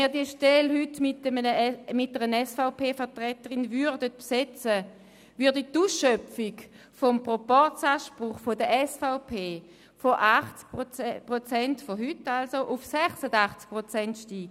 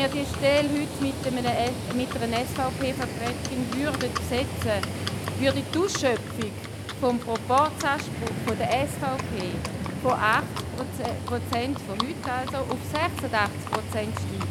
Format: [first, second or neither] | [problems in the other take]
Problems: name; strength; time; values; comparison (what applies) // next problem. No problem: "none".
first | background sound (Livestock, farm animals, working animals); 4 dB below the speech